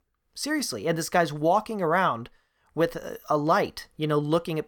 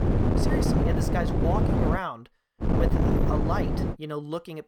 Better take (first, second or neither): first